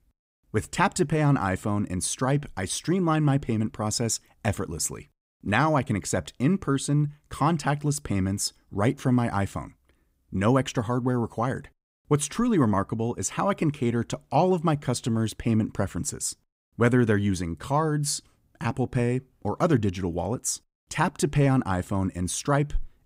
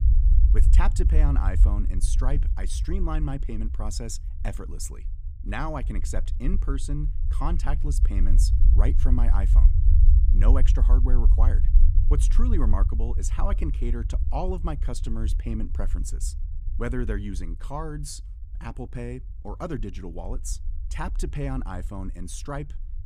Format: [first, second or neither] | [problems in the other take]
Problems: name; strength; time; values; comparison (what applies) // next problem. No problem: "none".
first | low rumble; loud; throughout; 9 dB below the speech